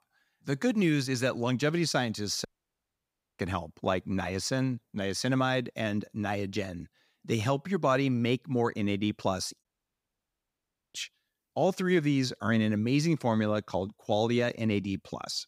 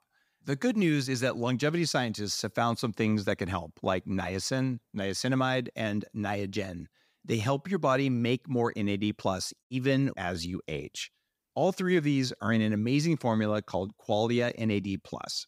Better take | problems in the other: second | audio cutting out; at 2.5 s for 1 s and at 9.5 s for 1.5 s

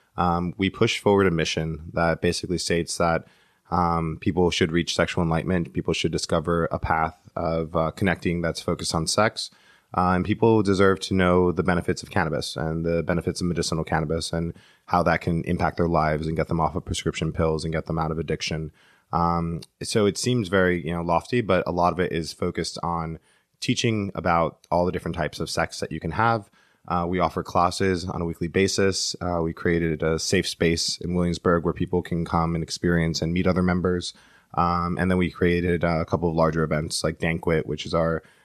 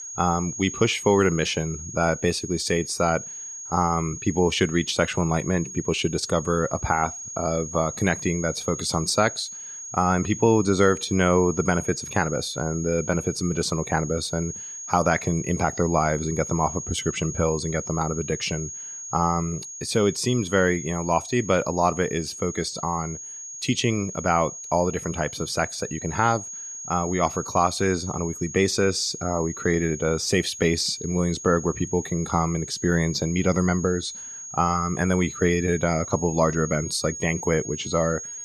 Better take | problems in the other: first | high-pitched whine; loud; throughout; 6.5 kHz, 10 dB below the speech

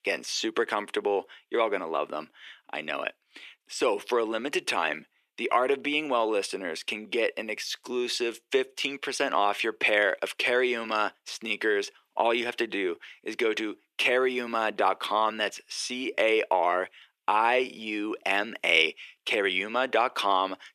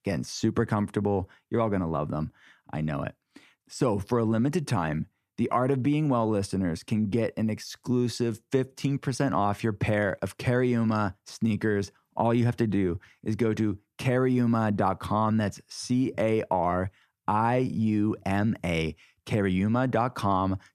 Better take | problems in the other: second | thin; very; fading below 400 Hz

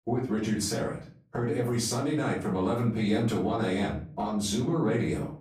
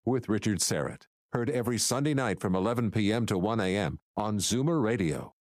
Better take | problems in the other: second | off-mic speech; far // room echo; slight; dies away in 0.4 s

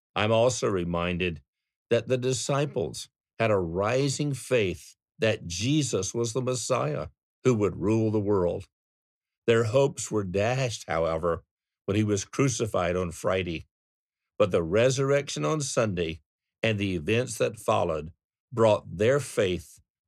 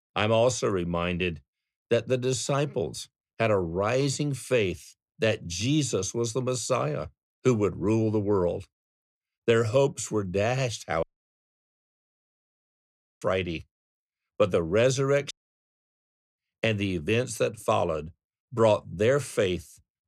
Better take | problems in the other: first | audio cutting out; at 11 s for 2 s and at 15 s for 1 s

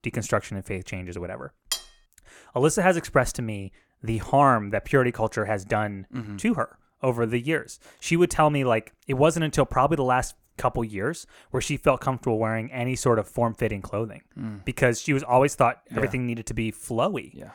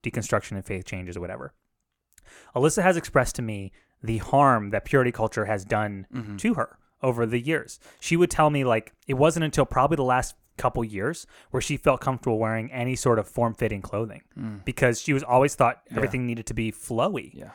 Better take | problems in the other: second | clattering dishes; noticeable; at 1.5 s; peak 6 dB below the speech

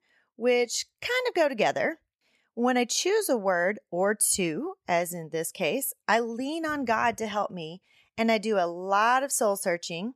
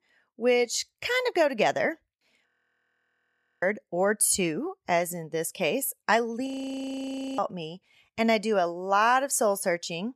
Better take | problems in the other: first | audio freezing; at 2.5 s for 1 s and at 6.5 s for 1 s

